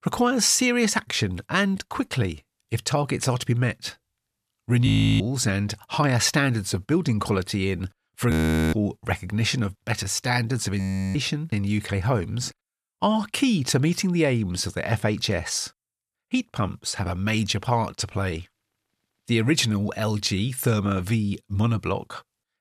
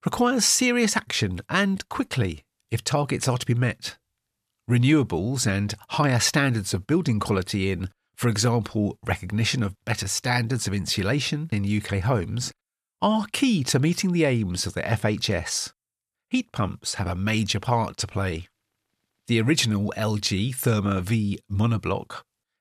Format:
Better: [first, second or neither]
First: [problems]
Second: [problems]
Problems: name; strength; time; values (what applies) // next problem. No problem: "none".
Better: second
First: audio freezing; at 5 s, at 8.5 s and at 11 s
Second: none